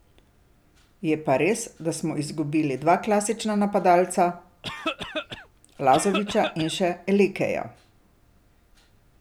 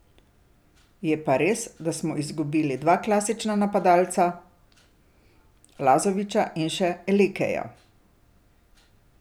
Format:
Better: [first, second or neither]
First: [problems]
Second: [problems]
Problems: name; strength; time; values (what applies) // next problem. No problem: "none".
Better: second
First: background sound (Cough); 7 dB below the speech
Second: none